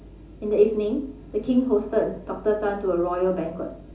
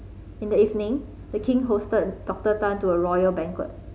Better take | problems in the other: second | room echo; dies away in 0.4 s

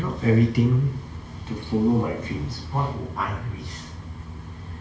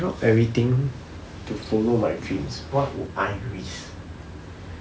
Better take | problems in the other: second | room echo; dies away in 1.5 s

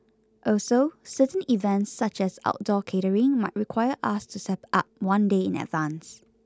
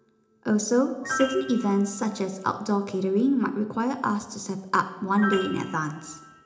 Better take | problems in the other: first | background sound (Piano); 13 dB below the speech // room echo; dies away in 0.8 s

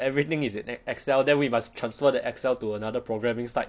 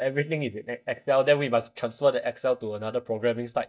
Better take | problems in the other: first | noise reduction (neural mask model DeepFilterNet 3)

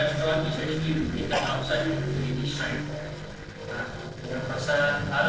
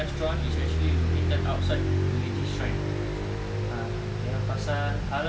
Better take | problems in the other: second | noise reduction (neural separator model SepFormer DNS4)

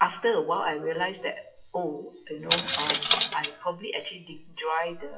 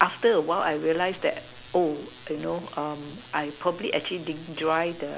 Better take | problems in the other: second | noise reduction (classical method WPE with log-MMSE)

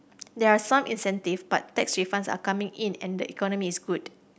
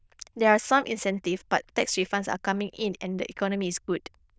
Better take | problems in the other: first | noise reduction (neural diffusion model UNIVERSE++)

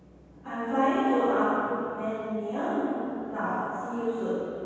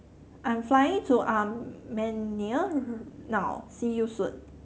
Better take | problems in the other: second | room echo; dies away in 2.2 s

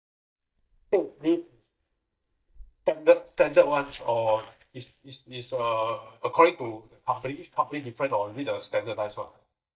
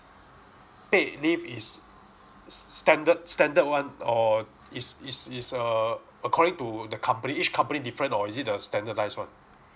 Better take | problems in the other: second | noise reduction (neural mask model DeepFilterNet 3)

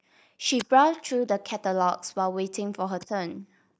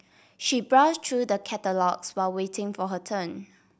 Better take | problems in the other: second | noise reduction (neural mask model DeepFilterNet 3)

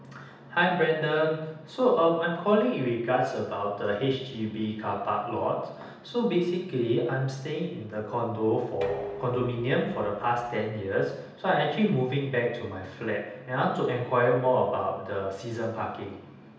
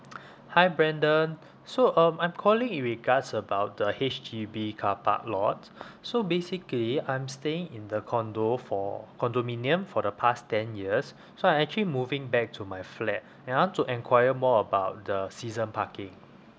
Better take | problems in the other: second | background sound (Dishes, pots, and pans); 15 dB below the speech // room echo; dies away in 0.8 s

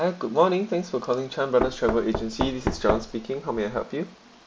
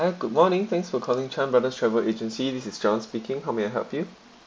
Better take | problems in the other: second | background sound (Knock); 6 dB below the speech

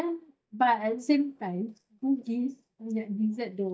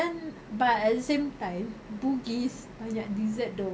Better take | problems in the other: second | noise reduction (neural mask model DeepFilterNet 3)

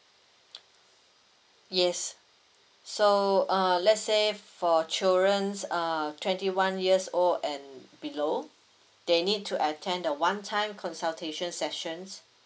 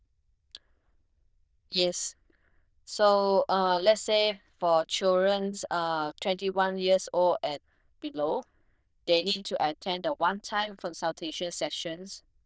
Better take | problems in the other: first | noise reduction (neural diffusion model UNIVERSE++)

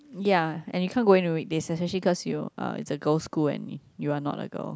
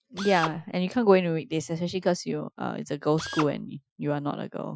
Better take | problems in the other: first | noise reduction (classical method Wiener filter)

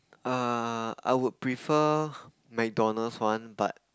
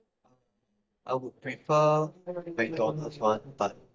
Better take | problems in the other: first | noise reduction (neural mask model DeepFilterNet 3)

